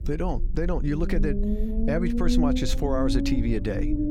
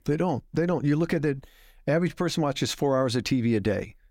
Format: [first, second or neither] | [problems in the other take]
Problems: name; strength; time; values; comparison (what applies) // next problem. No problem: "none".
second | low rumble; loud; throughout; 2 dB below the speech